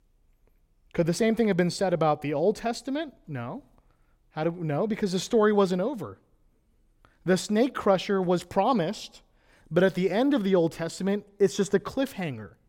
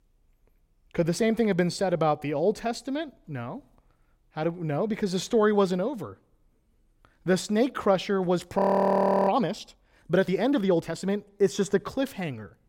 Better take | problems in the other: first | audio freezing; at 8.5 s for 0.5 s

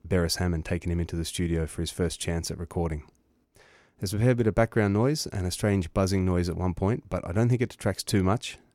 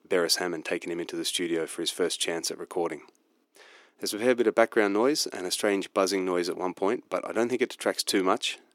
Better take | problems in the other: first | thin; somewhat; fading below 300 Hz

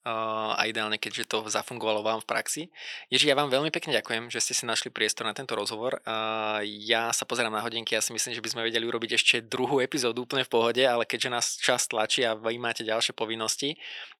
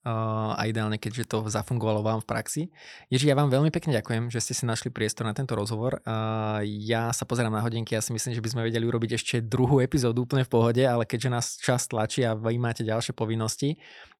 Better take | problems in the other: second | thin; somewhat; fading below 400 Hz

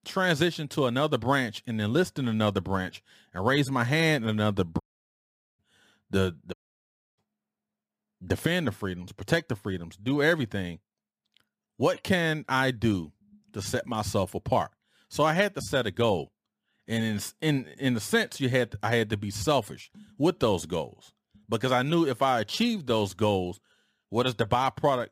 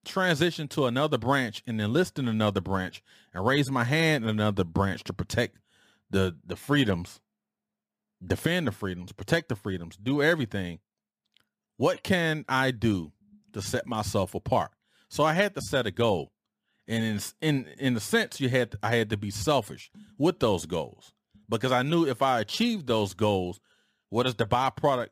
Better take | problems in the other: second | audio cutting out; at 5 s for 1 s and at 6.5 s for 0.5 s

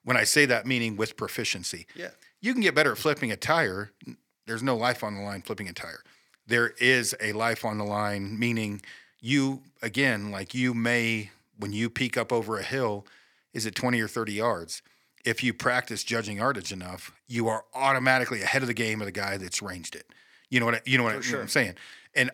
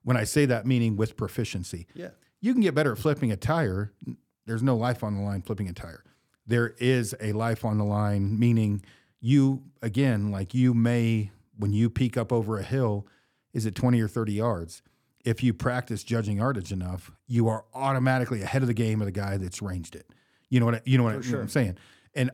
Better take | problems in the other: second | thin; somewhat; fading below 700 Hz

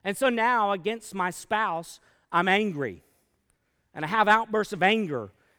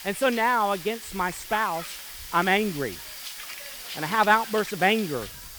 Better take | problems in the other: first | hiss; noticeable; throughout; 10 dB below the speech

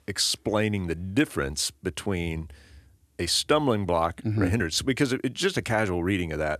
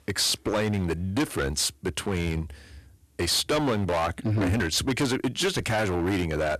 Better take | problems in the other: first | distortion; heavy; 16% of the sound clipped

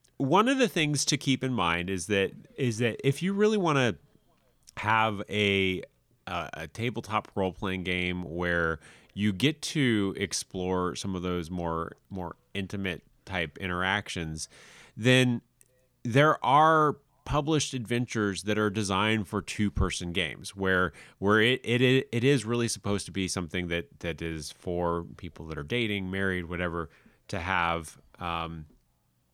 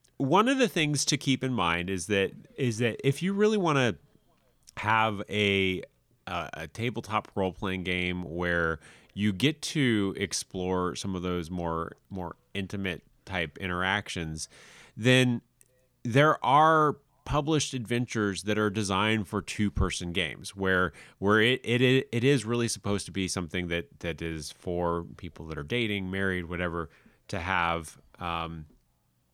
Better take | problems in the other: neither | none

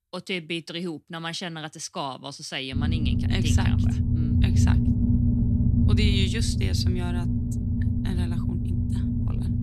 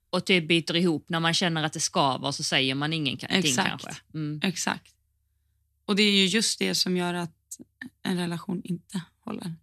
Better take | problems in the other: second | low rumble; loud; from 3 s on; 2 dB below the speech

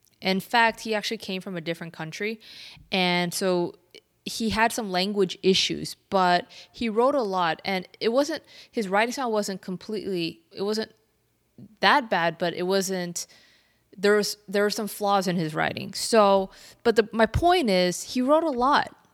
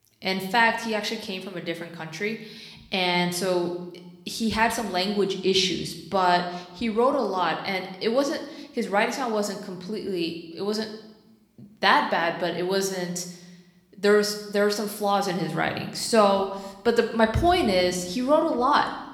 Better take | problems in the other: first | room echo; slight; dies away in 0.8 s

